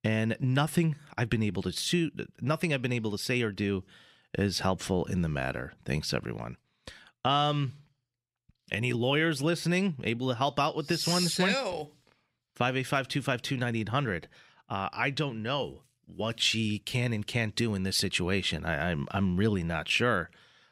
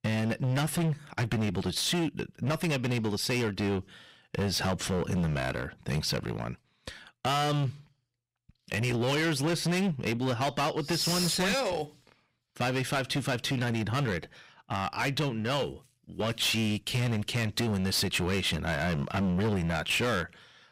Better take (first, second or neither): first